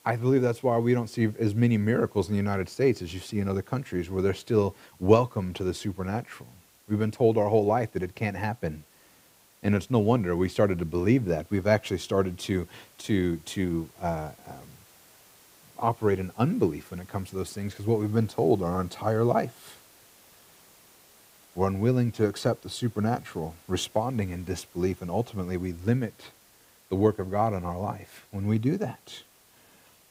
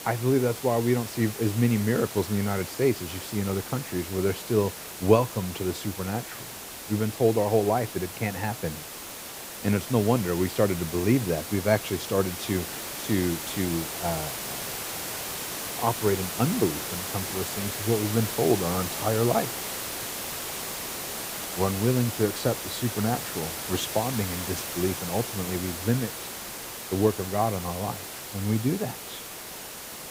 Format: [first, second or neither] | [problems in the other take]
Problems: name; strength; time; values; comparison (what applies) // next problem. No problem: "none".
first | hiss; loud; throughout; 6 dB below the speech; faint in the first